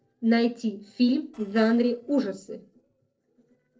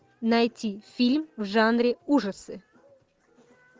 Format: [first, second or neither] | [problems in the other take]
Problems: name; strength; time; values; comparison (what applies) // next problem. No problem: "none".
second | noise reduction (neural separator model SepFormer DNS4)